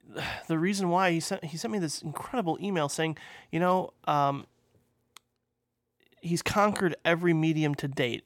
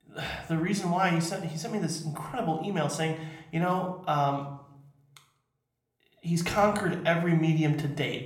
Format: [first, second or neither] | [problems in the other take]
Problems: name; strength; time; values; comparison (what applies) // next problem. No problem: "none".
first | room echo; slight; dies away in 0.6 s // off-mic speech; somewhat distant